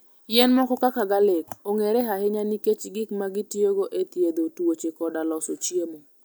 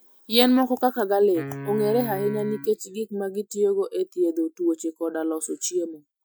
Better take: first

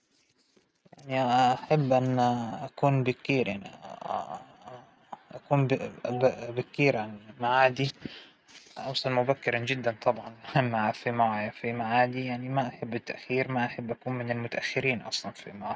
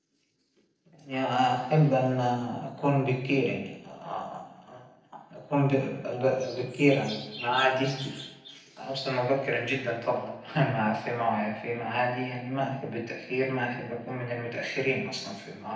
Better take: first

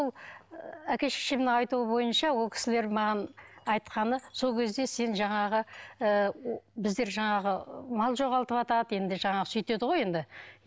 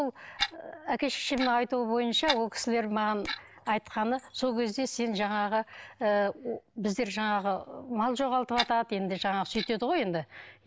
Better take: first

